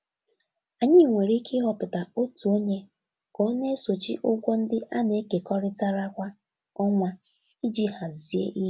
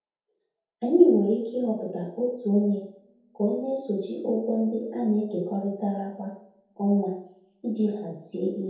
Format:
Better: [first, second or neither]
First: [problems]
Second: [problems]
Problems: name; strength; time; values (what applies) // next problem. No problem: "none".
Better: first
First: none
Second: room echo; dies away in 0.7 s